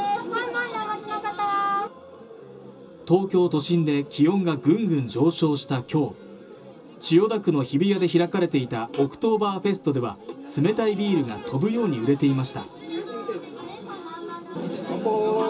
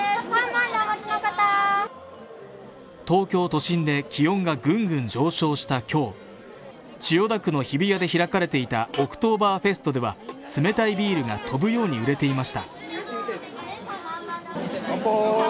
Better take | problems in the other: second | room echo; dies away in 0.2 s

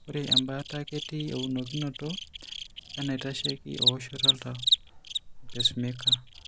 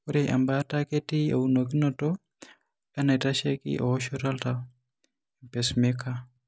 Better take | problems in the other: second | background sound (Cricket); 4 dB above the speech

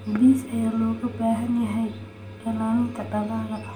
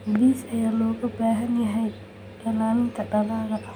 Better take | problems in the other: second | room echo; dies away in 0.3 s

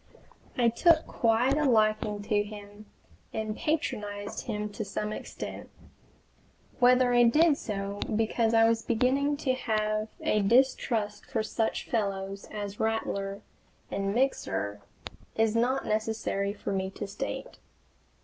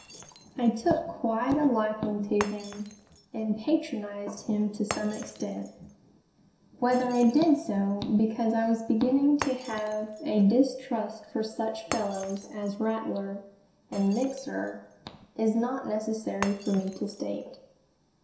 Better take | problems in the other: first | background sound (Shatter); 17 dB below the speech // room echo; dies away in 0.7 s

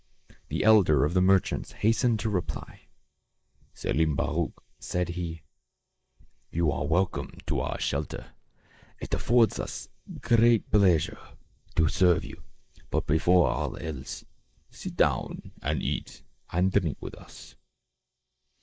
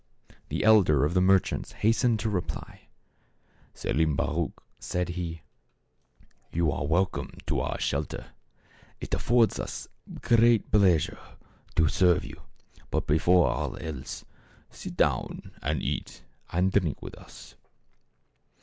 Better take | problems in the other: second | noise reduction (neural mask model Resemble Enhance denoiser)

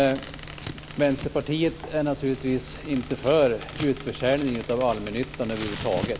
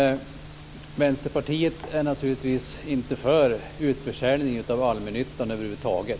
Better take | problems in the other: second | background sound (Scissors + Squeak); 14 dB below the speech

